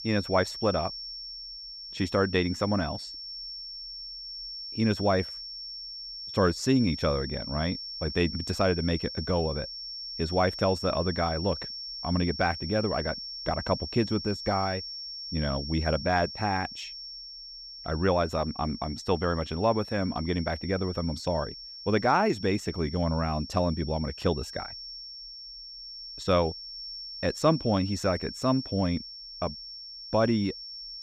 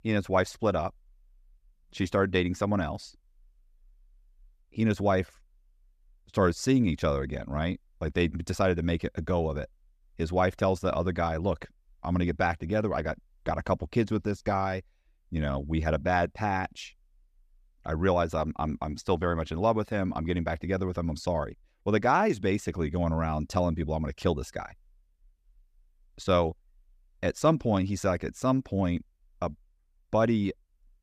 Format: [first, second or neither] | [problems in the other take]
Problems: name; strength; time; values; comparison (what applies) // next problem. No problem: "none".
second | high-pitched whine; loud; throughout; 5.5 kHz, 9 dB below the speech